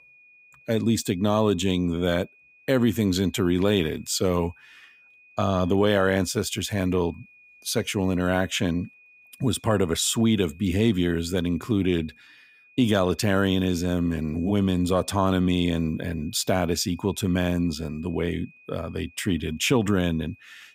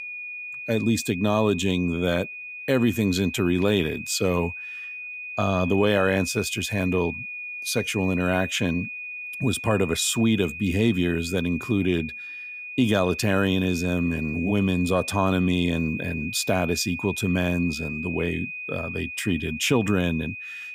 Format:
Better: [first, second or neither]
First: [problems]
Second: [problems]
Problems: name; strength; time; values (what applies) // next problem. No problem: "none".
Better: first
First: high-pitched whine; faint; throughout; 2.5 kHz, 30 dB below the speech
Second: high-pitched whine; loud; throughout; 2.5 kHz, 9 dB below the speech